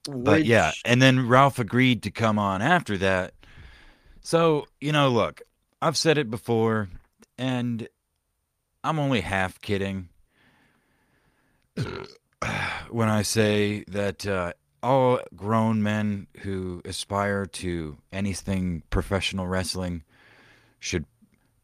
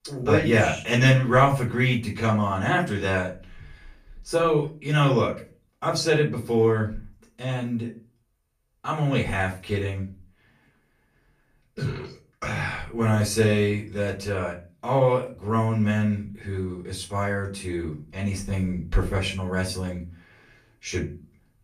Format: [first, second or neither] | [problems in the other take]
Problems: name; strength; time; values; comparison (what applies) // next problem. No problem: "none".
first | off-mic speech; far // room echo; slight; dies away in 0.3 s